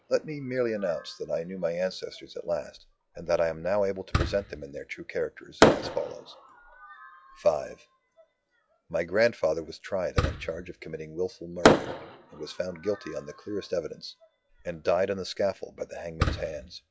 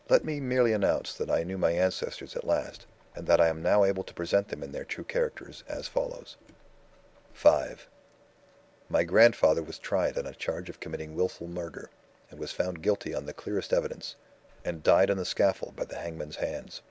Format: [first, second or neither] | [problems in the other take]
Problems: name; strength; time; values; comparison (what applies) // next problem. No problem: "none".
second | noise reduction (classical method log-MMSE)